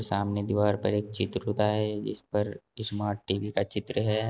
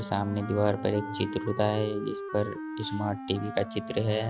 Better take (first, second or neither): first